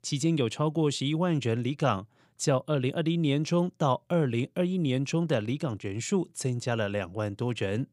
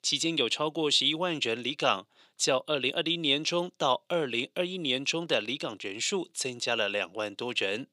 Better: first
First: none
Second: thin; somewhat; fading below 350 Hz

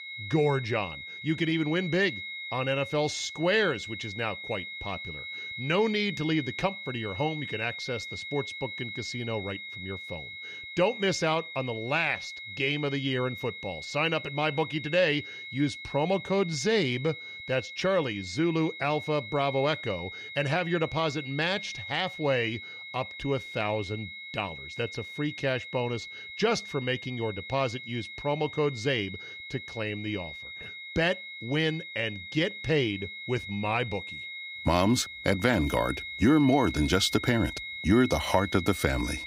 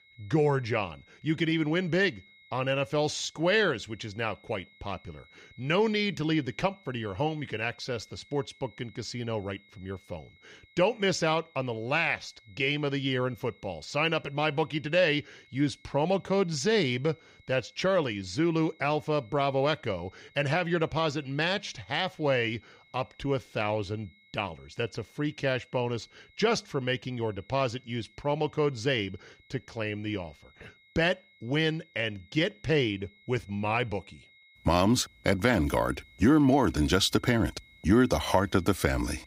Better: second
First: high-pitched whine; loud; throughout; 2 kHz, 9 dB below the speech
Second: high-pitched whine; faint; throughout; 2 kHz, 30 dB below the speech

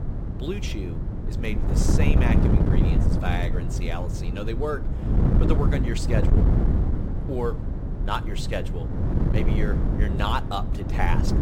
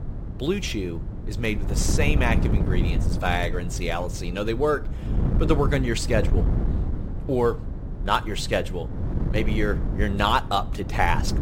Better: second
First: wind noise on the microphone; heavy; 3 dB below the speech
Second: wind noise on the microphone; occasional gusts; 10 dB below the speech

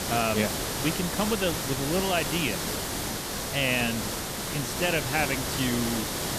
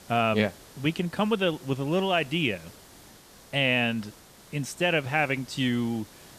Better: second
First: hiss; loud; throughout; 1 dB below the speech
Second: hiss; faint; throughout; 20 dB below the speech

